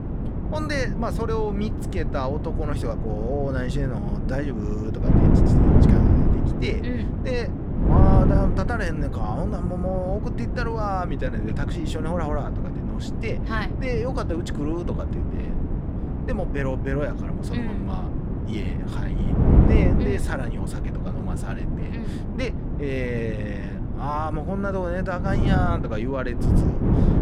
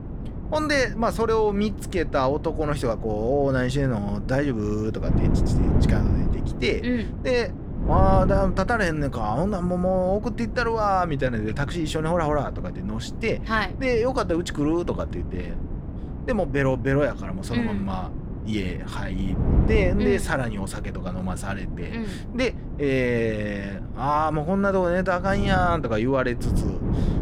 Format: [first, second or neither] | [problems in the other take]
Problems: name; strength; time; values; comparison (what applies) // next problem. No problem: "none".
second | wind noise on the microphone; heavy; 3 dB below the speech; occasional gusts in the second